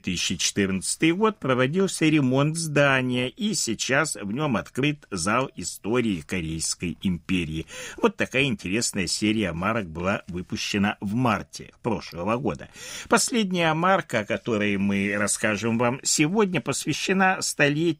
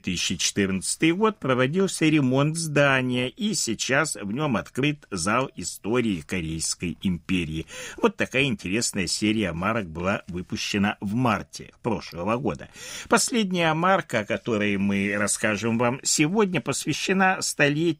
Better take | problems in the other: neither | none

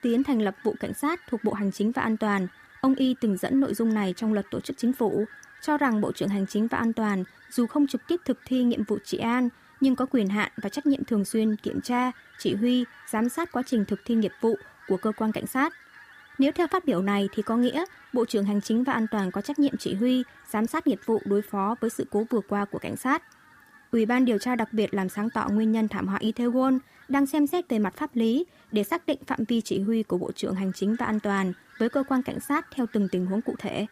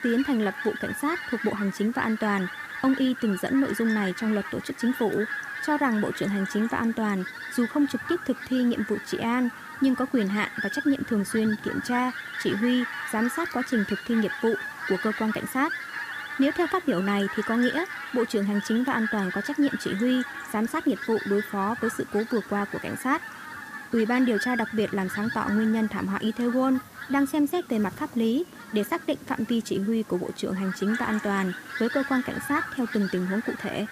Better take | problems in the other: first | animal sounds; loud; throughout; 8 dB below the speech; faint in the first

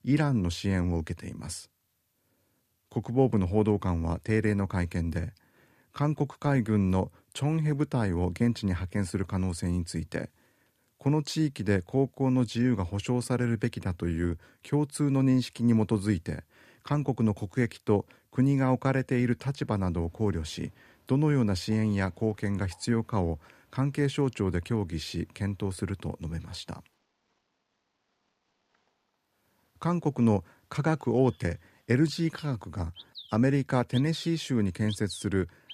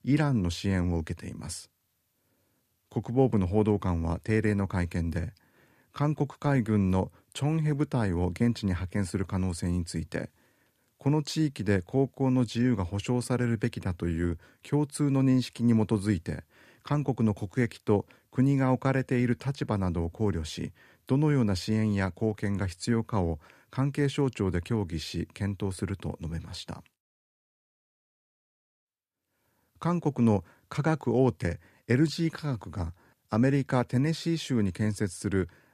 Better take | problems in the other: second | animal sounds; noticeable; from 20 s on; 20 dB below the speech

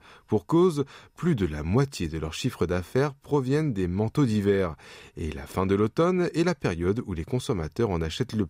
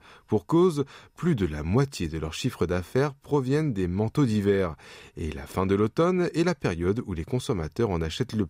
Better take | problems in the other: neither | none

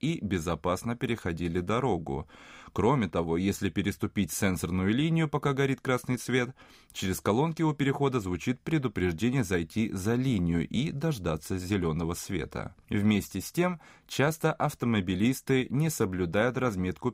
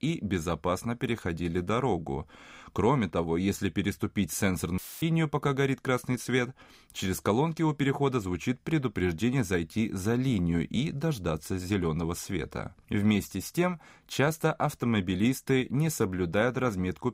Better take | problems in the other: first | audio cutting out; filled with static; at 5 s

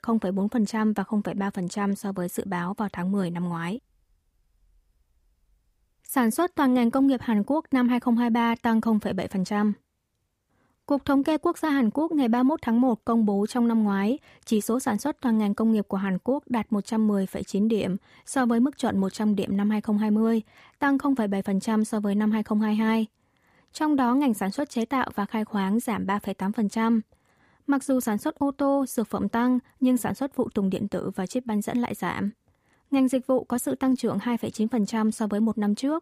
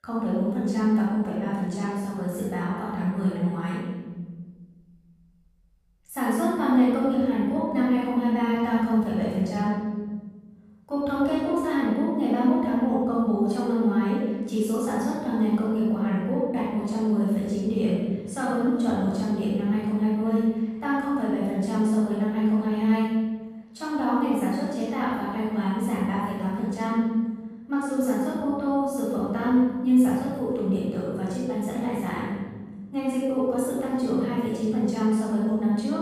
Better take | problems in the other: first | off-mic speech; far // room echo; strong; dies away in 1.6 s

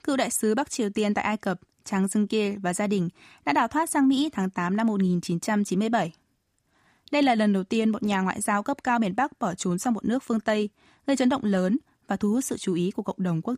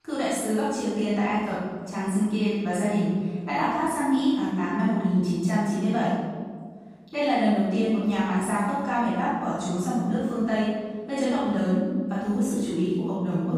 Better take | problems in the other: first | room echo; strong; dies away in 1.6 s // off-mic speech; far

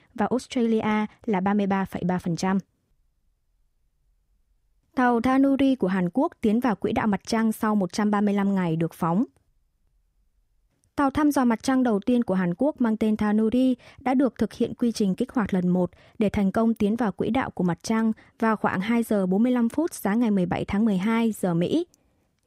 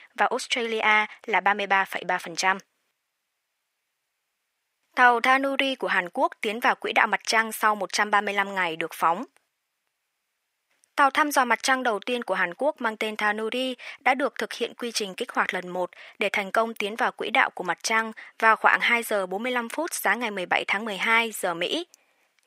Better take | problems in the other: first | thin; very; fading below 700 Hz

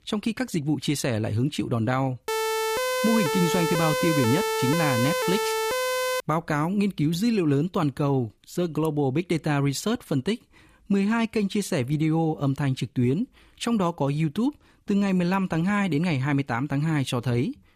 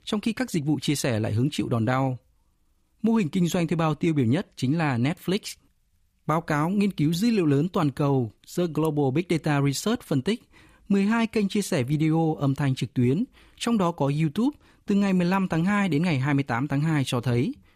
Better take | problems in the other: second | siren; loud; from 2.5 to 6 s; peak level with the speech

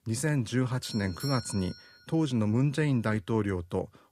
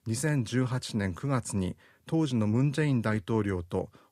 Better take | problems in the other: second | doorbell; noticeable; from 1 to 2 s; peak 9 dB below the speech

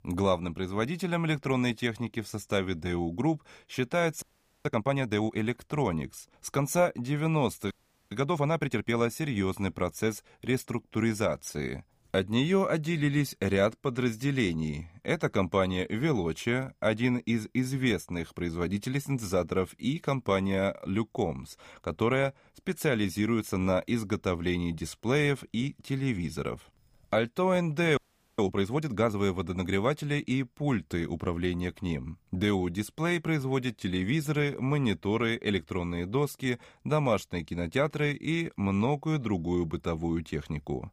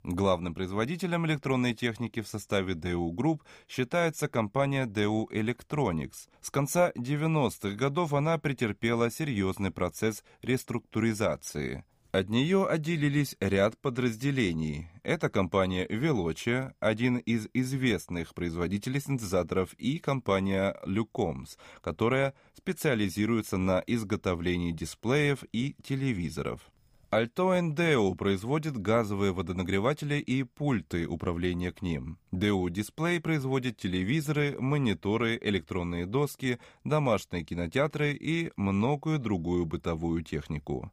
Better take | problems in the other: second | audio freezing; at 4 s, at 7.5 s and at 28 s

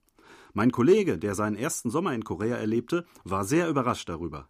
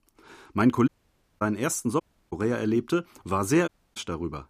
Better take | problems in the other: first | audio cutting out; at 1 s for 0.5 s, at 2 s and at 3.5 s

